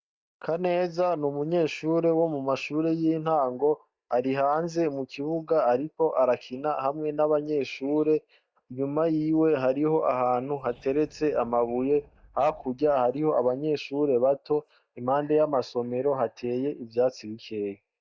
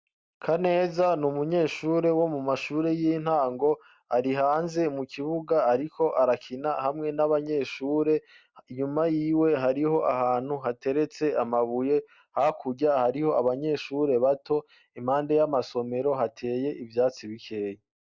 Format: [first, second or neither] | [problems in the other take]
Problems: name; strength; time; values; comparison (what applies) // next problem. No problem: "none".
second | noise reduction (neural mask model DeepFilterNet 3)